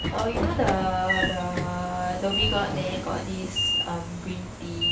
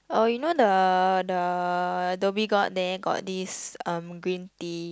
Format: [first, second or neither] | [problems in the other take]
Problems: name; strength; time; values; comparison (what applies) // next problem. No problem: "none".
second | background sound (Sliding door / Train); 1 dB above the speech // room echo; dies away in 0.3 s